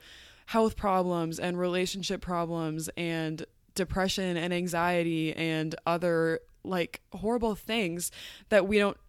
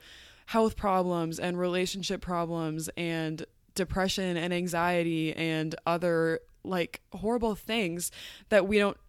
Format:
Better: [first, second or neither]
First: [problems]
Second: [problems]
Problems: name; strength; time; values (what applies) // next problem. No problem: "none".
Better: neither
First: none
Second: none